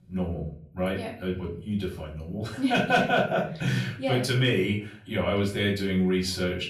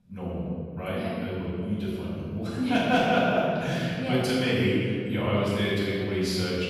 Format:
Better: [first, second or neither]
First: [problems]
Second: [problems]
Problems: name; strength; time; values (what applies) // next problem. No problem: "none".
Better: first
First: room echo; slight; dies away in 0.4 s // off-mic speech; far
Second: room echo; strong; dies away in 2.5 s // off-mic speech; far